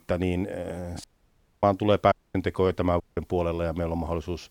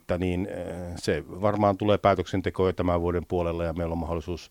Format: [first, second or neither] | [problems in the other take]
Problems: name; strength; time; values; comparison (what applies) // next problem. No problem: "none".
second | audio cutting out; at 1 s for 0.5 s, at 2 s and at 3 s